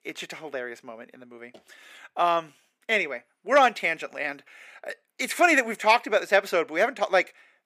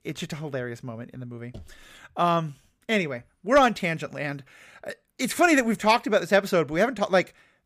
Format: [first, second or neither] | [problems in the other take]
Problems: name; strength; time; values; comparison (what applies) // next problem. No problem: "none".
second | thin; somewhat; fading below 300 Hz